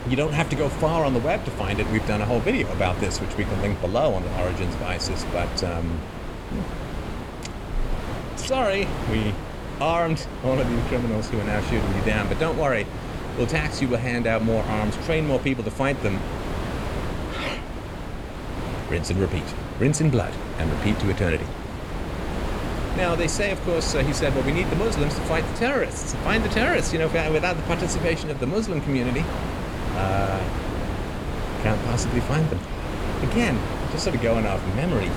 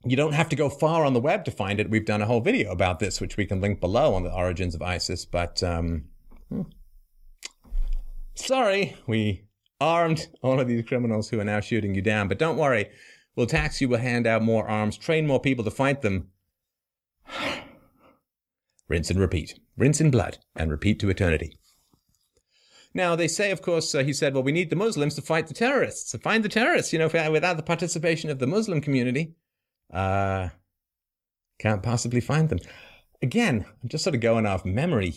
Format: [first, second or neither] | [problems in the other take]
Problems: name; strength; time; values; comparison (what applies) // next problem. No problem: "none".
second | wind noise on the microphone; heavy; 6 dB below the speech